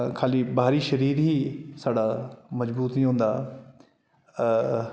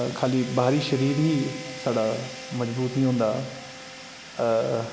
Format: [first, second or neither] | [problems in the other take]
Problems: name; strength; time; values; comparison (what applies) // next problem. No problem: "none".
first | background sound (Fire + Bowed string instrument); 13 dB below the speech